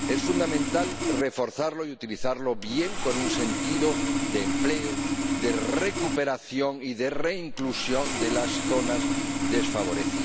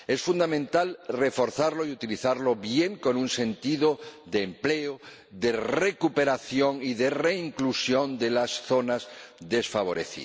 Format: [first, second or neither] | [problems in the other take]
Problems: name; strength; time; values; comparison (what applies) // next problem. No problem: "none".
second | background sound (Sawing); as loud as the speech